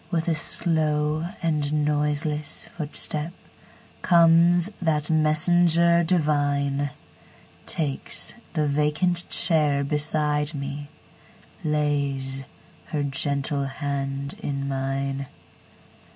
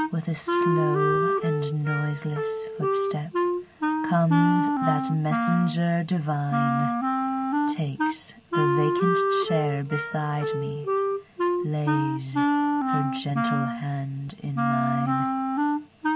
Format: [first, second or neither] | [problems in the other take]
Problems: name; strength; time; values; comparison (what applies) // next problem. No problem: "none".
first | background sound (Wind instrument, woodwind instrument); 2 dB above the speech